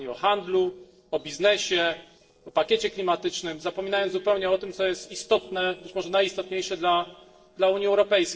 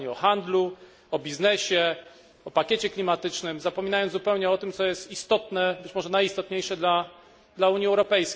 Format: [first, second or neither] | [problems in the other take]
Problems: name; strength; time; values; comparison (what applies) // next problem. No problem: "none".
second | noise reduction (neural separator model SepFormer DNS4)